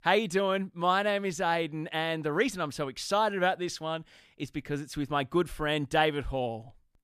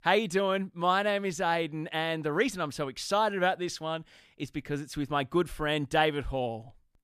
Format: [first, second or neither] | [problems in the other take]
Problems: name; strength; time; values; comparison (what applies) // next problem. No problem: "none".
neither | none